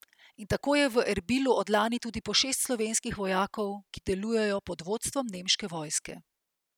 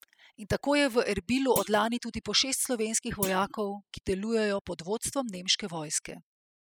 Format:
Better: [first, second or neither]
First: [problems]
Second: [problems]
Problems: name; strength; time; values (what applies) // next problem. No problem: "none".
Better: first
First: none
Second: noise reduction (classical method spectral subtraction)